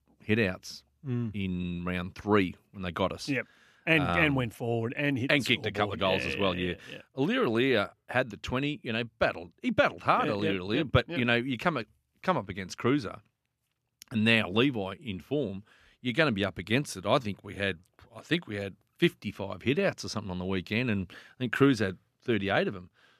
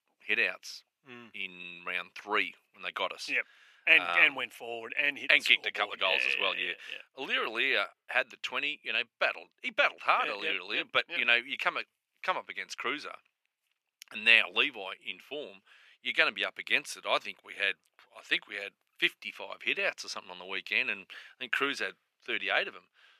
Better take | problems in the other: first | thin; very; fading below 650 Hz

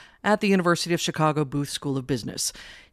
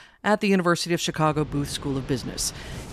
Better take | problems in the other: first | rain or running water; noticeable; from 1.5 s on; 15 dB below the speech

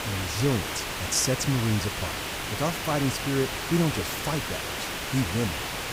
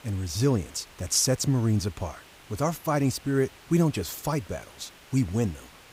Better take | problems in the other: second | hiss; loud; throughout; 2 dB below the speech; faint in the second

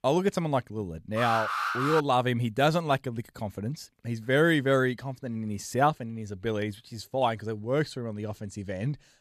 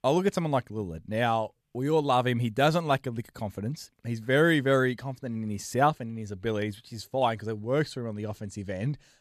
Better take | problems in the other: second | alarm; noticeable; at 1 s; peak level with the speech

